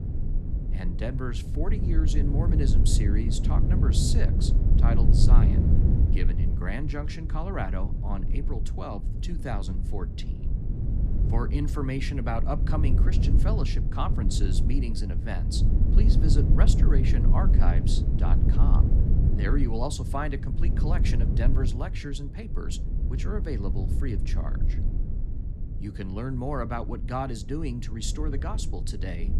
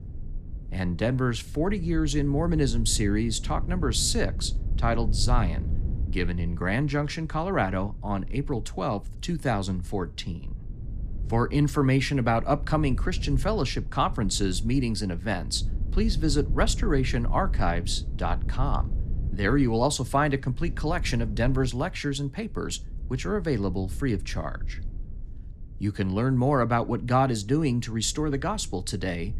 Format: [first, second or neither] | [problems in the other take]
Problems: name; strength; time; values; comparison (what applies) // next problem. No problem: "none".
second | low rumble; loud; throughout; 4 dB below the speech; faint in the second